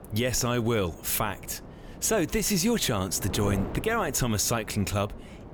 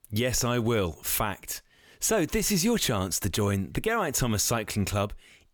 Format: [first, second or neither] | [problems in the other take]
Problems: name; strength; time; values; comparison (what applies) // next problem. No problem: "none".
second | wind noise on the microphone; occasional gusts; 15 dB below the speech